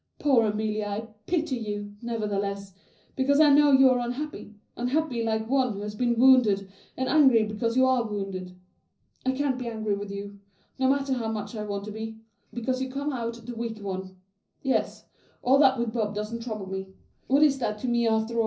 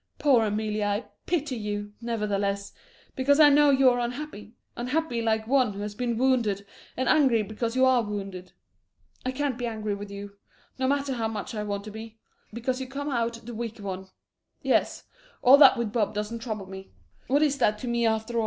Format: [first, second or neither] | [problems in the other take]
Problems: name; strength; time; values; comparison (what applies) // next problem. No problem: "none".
second | room echo; dies away in 0.5 s